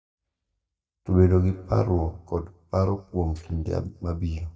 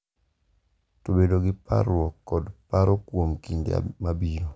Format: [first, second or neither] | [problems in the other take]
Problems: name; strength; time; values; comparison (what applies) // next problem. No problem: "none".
second | noise reduction (neural mask model DeepFilterNet 3)